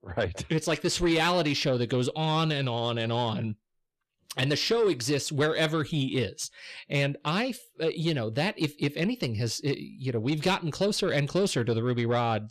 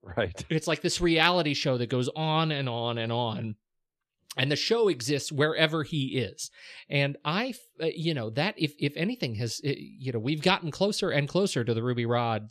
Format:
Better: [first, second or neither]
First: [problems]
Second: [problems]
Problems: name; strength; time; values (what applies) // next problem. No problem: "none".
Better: second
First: distortion; slight; 10 dB below the speech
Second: none